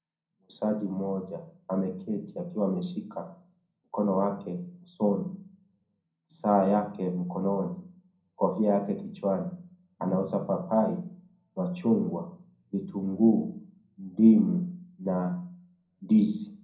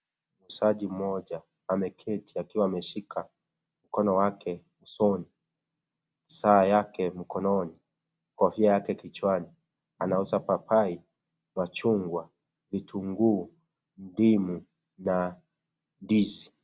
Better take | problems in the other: second | room echo; dies away in 0.6 s

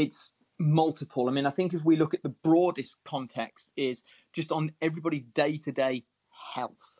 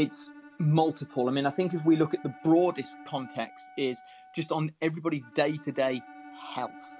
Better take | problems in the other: first | background sound (Bowed string instrument + Wind instrument, woodwind instrument); 20 dB below the speech

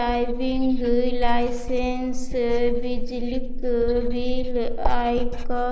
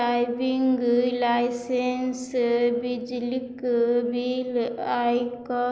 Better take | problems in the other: second | noise reduction (neural mask model Resemble Enhance denoiser)

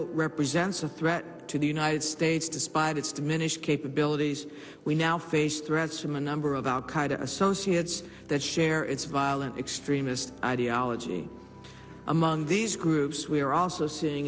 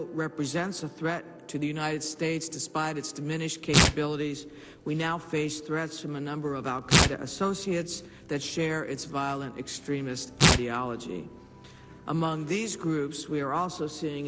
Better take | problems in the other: first | background sound (Tearing); 2 dB above the speech

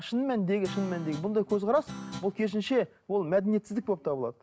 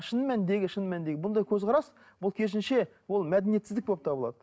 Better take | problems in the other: second | background sound (Guitar); 13 dB below the speech

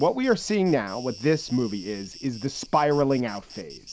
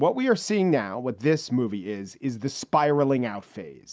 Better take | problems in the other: second | background sound (Insect); 20 dB below the speech

